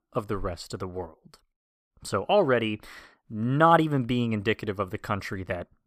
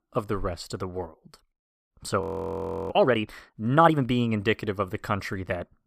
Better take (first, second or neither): first